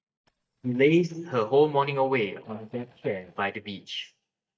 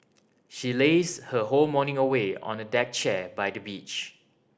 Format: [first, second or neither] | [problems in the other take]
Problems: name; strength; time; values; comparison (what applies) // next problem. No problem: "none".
second | noise reduction (neural mask model DeepFilterNet 3)